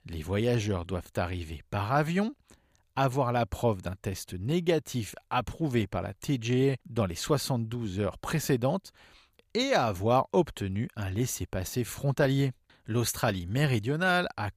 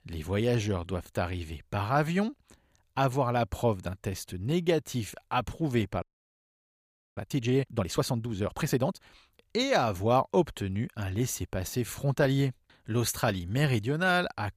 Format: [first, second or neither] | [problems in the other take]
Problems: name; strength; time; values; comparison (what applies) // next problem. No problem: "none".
first | audio freezing; at 6 s for 1 s